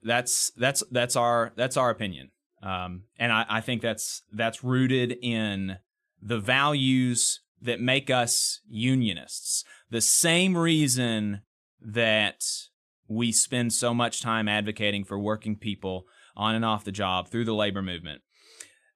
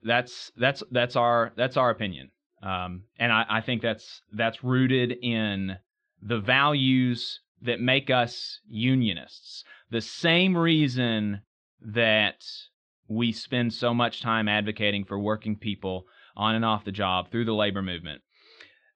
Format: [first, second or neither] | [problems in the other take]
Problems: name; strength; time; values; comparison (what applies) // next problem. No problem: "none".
first | muffled; slightly; fading above 4 kHz